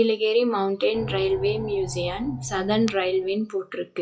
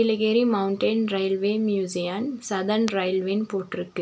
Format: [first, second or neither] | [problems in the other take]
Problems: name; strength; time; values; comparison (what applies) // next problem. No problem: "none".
second | noise reduction (classical method log-MMSE)